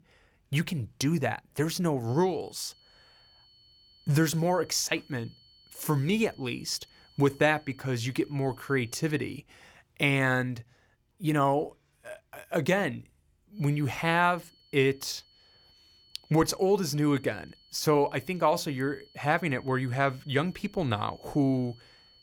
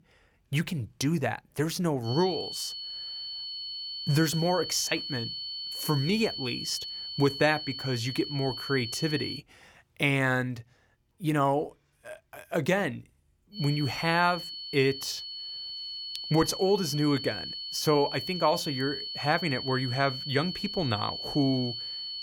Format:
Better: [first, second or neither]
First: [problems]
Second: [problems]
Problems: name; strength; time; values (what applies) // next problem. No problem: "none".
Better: first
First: high-pitched whine; faint; from 2 to 9.5 s and from 14 s on; 4.5 kHz, 30 dB below the speech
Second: high-pitched whine; loud; from 2 to 9.5 s and from 14 s on; 4.5 kHz, 6 dB below the speech